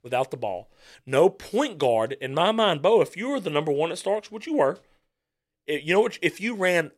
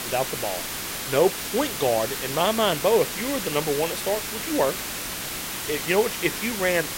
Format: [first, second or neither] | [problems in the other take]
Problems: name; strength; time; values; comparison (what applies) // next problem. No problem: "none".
first | hiss; loud; throughout; 4 dB below the speech